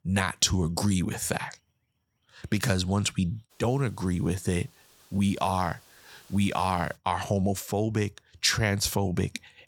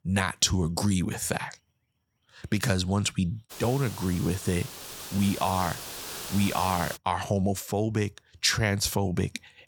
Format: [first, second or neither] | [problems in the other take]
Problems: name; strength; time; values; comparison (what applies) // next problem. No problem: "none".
first | hiss; loud; from 3.5 to 7 s; 10 dB below the speech; faint in the first